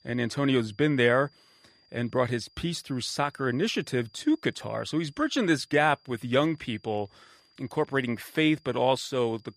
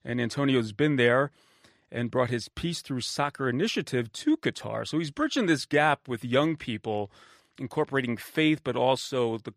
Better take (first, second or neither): second